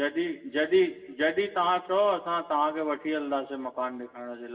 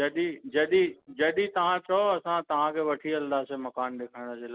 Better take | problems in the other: second | room echo; dies away in 3 s

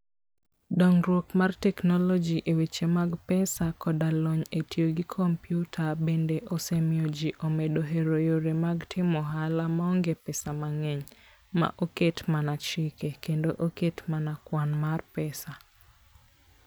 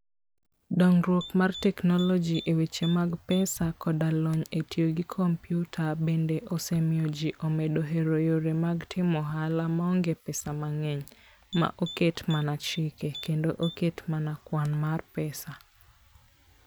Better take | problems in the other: first | background sound (Typing); 18 dB below the speech

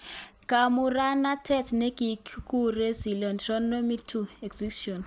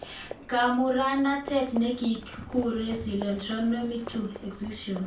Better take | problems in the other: first | background sound (Livestock, farm animals, working animals); 15 dB below the speech // room echo; dies away in 0.3 s

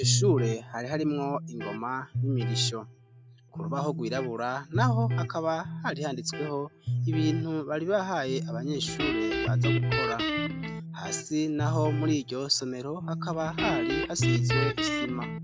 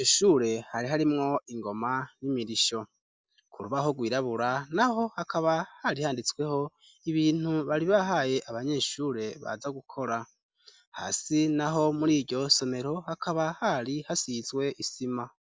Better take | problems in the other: second | background sound (Guitar + Electric guitar); 1 dB above the speech

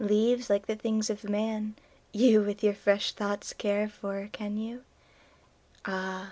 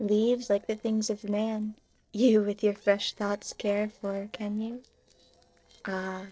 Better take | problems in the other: first | noise reduction (neural separator model SepFormer DNS4)

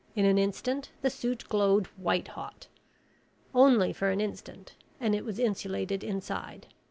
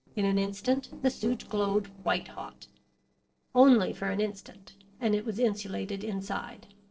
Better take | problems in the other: first | noise reduction (neural separator model SepFormer DNS4)

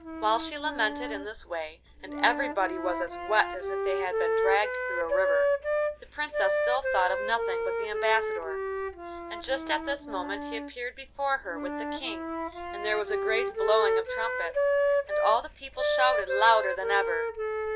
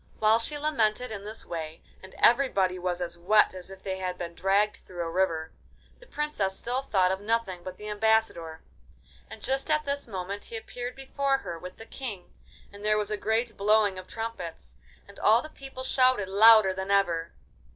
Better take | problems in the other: second | background sound (Wind instrument, woodwind instrument); as loud as the speech

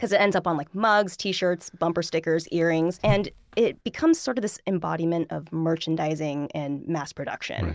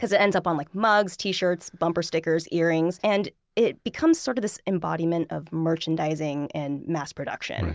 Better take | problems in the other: second | background sound (Whoosh, swoosh, swish); 8 dB below the speech

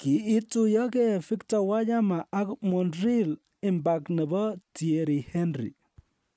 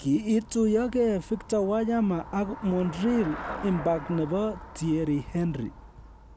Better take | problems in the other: first | background sound (Traffic noise, roadway noise / Bicycle); 14 dB below the speech

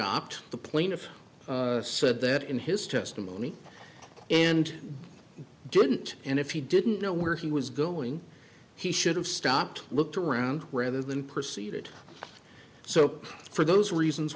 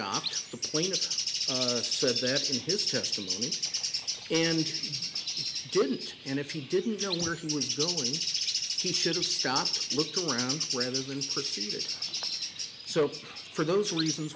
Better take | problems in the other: first | background sound (Bird); as loud as the speech

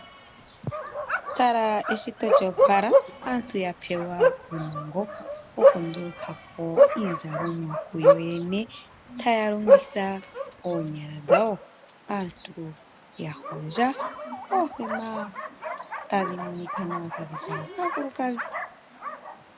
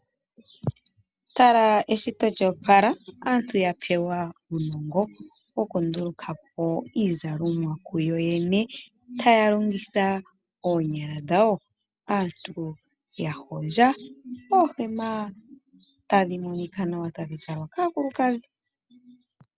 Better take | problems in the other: second | background sound (Bark); 3 dB above the speech

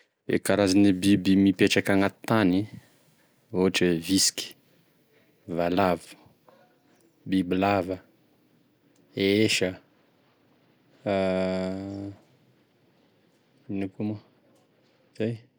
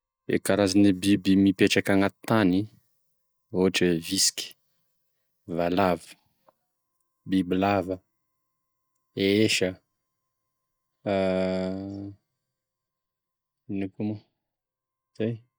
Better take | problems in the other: first | noise reduction (neural mask model DeepFilterNet 3)

